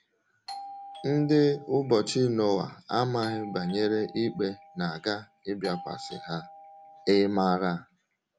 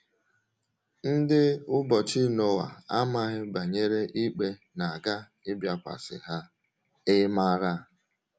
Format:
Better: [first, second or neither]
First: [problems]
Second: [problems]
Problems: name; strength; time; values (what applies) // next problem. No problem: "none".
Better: second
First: background sound (Doorbell); 17 dB below the speech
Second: none